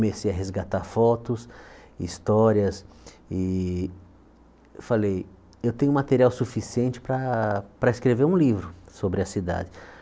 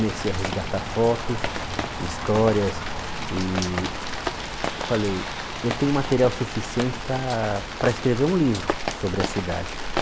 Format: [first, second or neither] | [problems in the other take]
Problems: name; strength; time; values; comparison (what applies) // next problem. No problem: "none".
first | background sound (Rain); 4 dB below the speech